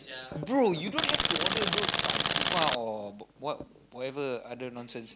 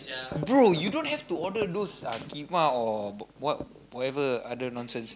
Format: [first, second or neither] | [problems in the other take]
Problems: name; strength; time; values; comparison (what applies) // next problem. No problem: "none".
second | background sound (Tools); 5 dB above the speech